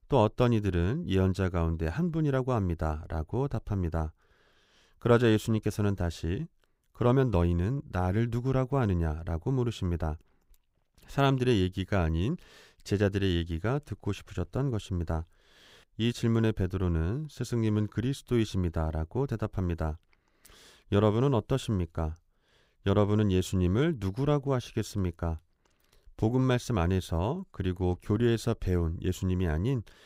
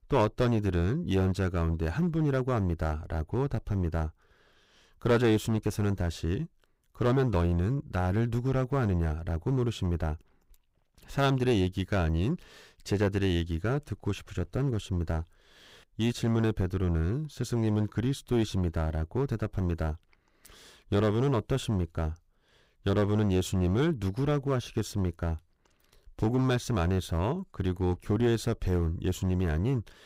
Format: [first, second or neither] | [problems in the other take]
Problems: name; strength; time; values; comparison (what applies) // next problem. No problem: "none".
first | distortion; slight; 5% of the sound clipped